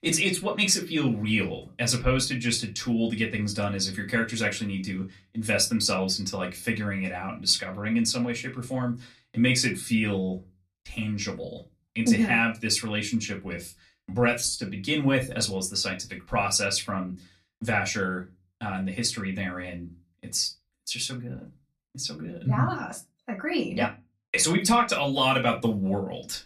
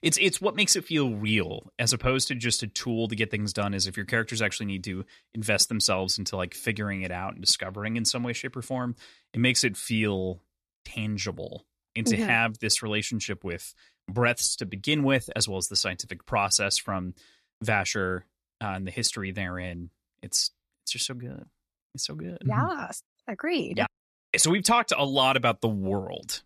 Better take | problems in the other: second | off-mic speech; far // room echo; very slight; dies away in 0.2 s

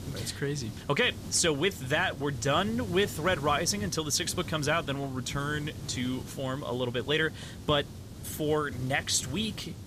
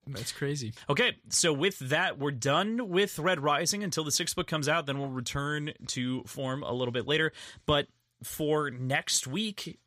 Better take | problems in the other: second | hiss; noticeable; throughout; 10 dB below the speech

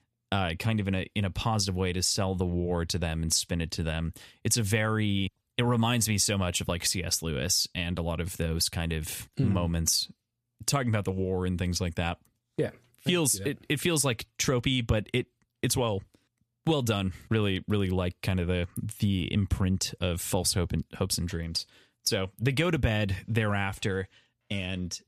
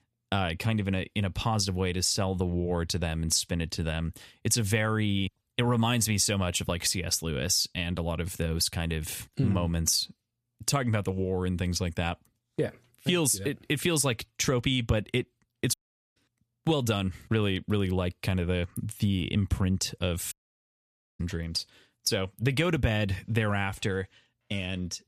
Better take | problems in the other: first | audio cutting out; at 16 s and at 20 s for 1 s

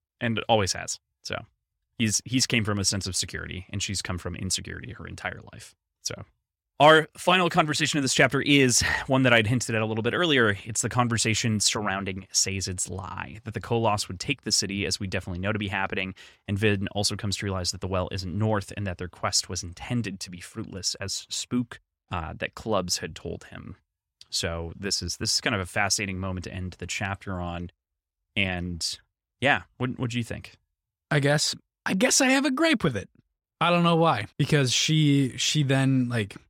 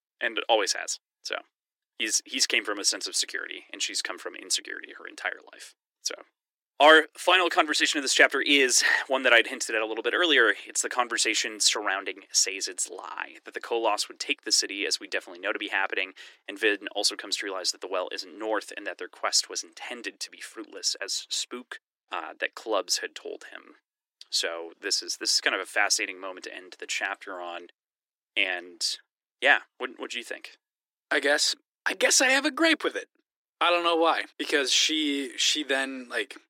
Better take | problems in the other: first | thin; somewhat; fading below 300 Hz

